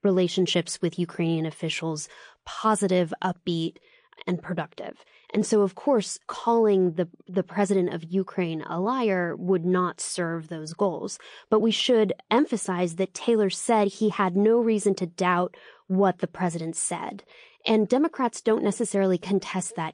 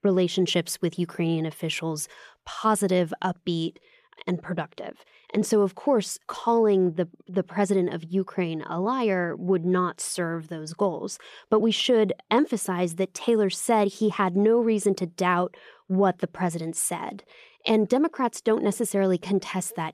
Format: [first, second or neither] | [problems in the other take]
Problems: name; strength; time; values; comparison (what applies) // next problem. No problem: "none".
second | garbled, watery; slightly; nothing above 9 kHz